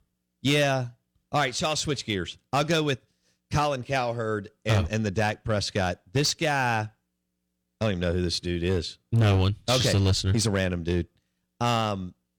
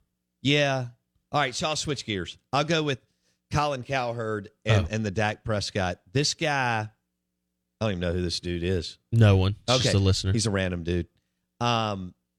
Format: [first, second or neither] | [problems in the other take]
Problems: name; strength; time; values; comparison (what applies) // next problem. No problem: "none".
second | distortion; slight; 5% of the sound clipped